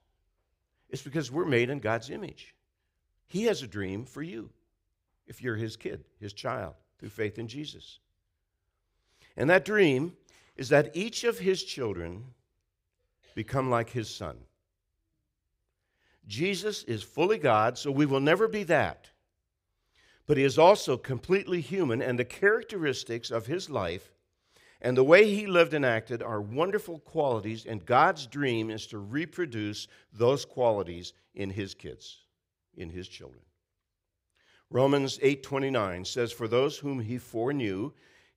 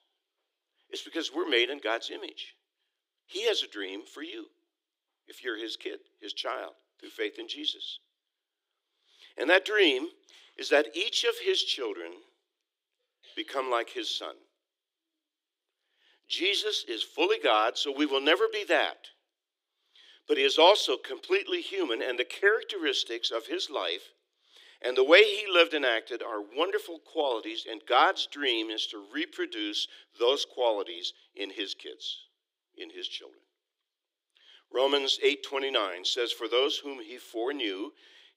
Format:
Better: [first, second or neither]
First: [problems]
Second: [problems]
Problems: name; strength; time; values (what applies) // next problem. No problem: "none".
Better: first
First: none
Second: thin; somewhat; fading below 300 Hz